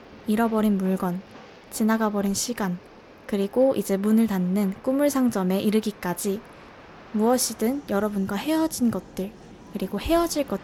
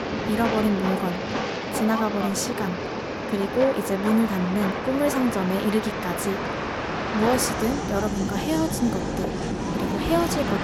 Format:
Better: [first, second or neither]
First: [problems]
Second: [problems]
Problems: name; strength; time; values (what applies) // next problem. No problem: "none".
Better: first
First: train or aircraft noise; faint; throughout; 20 dB below the speech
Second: train or aircraft noise; loud; throughout; 3 dB below the speech